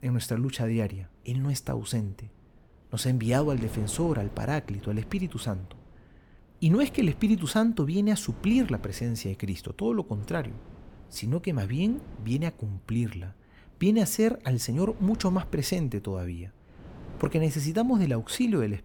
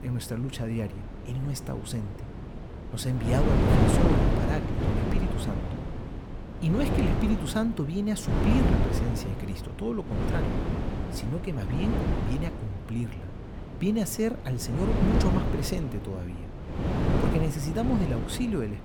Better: first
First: wind noise on the microphone; occasional gusts; 20 dB below the speech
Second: wind noise on the microphone; heavy; 1 dB above the speech

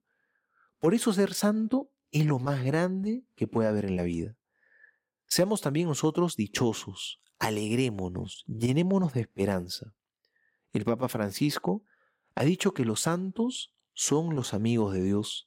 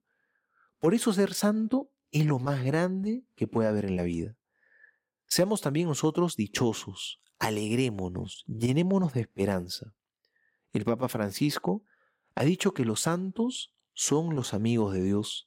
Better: neither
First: none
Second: none

